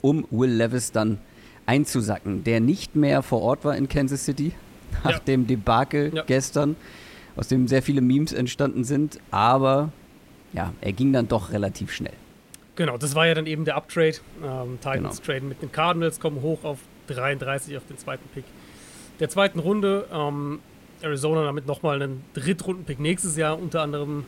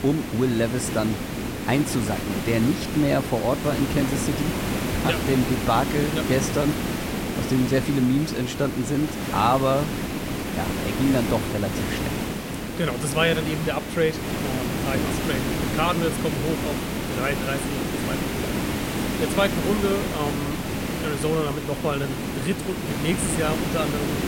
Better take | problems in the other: first | hiss; loud; throughout; 2 dB below the speech; faint in the first

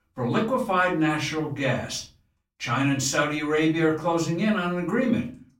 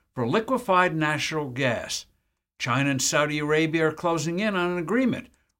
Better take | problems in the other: second | off-mic speech; far // room echo; slight; dies away in 0.3 s

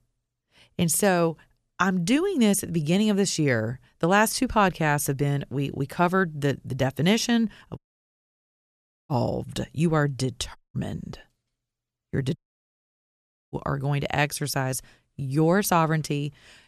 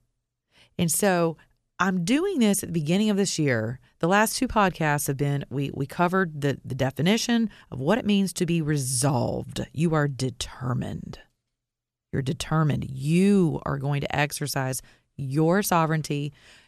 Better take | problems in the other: second | audio cutting out; at 8 s for 1.5 s, at 11 s and at 12 s for 1 s

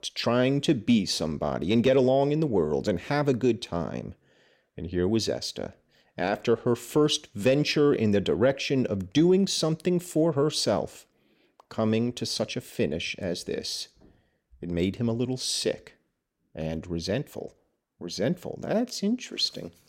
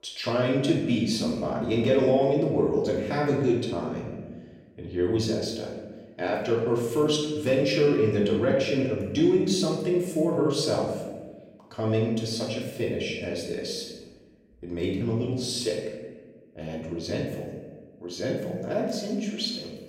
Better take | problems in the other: first | off-mic speech; far // room echo; noticeable; dies away in 1.1 s

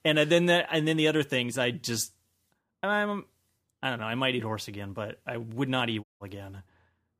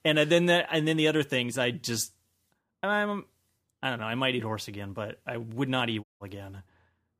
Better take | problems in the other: neither | audio cutting out; at 6 s; the same in both

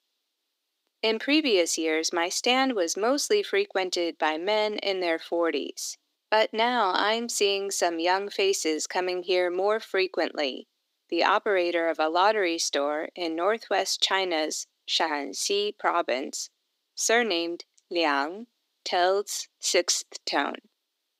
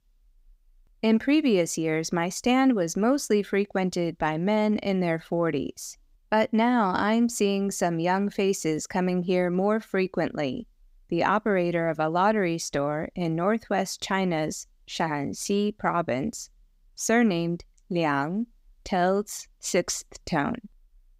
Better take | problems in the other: second | thin; somewhat; fading below 300 Hz

